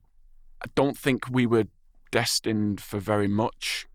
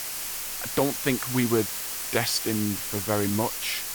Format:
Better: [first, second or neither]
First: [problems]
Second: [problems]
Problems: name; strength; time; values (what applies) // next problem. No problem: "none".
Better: first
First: none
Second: hiss; loud; throughout; 2 dB below the speech